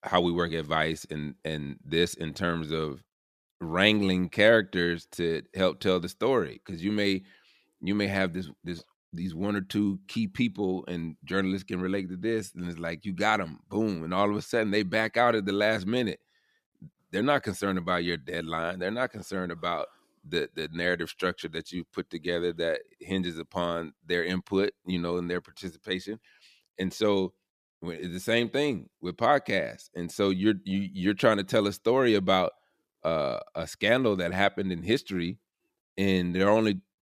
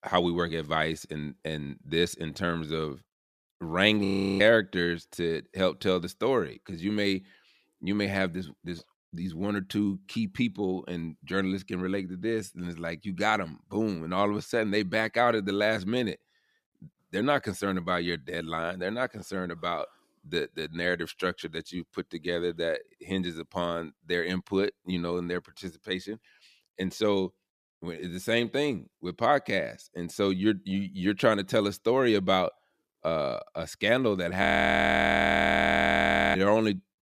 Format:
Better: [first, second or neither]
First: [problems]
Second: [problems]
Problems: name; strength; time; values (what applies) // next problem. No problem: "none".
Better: first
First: none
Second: audio freezing; at 4 s and at 34 s for 2 s